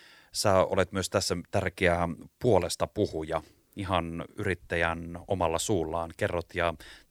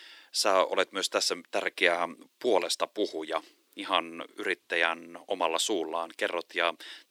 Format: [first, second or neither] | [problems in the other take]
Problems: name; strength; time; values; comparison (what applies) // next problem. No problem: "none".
first | thin; somewhat; fading below 300 Hz